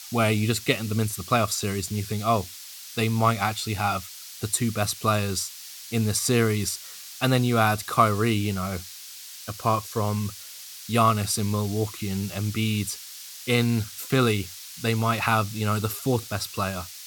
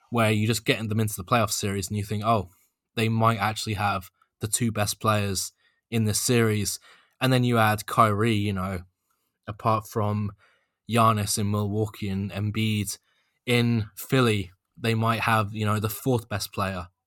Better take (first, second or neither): second